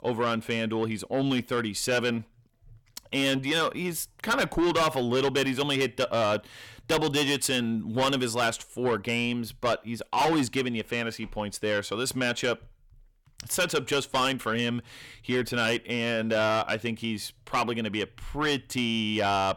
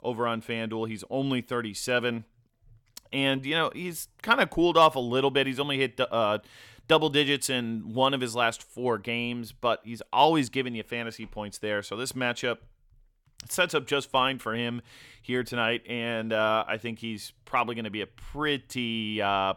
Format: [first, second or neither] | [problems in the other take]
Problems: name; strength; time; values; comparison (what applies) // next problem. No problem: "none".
second | distortion; heavy; 6 dB below the speech